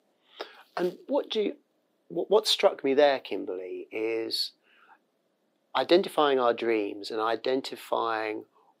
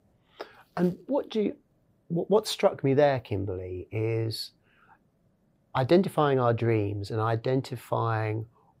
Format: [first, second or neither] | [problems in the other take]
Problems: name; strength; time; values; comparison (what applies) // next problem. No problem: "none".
second | thin; somewhat; fading below 250 Hz